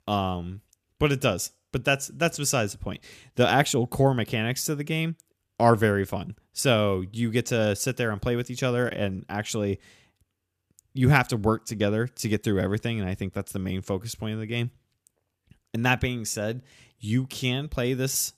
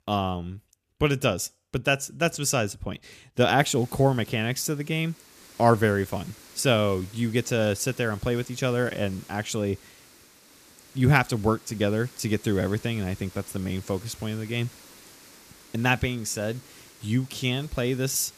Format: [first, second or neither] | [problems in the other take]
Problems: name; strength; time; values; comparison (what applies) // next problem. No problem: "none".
first | hiss; faint; from 3.5 s on; 20 dB below the speech